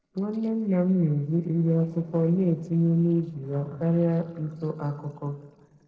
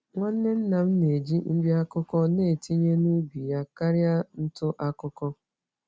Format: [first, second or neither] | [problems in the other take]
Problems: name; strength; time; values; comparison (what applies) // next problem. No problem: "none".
second | noise reduction (neural separator model SepFormer DNS4)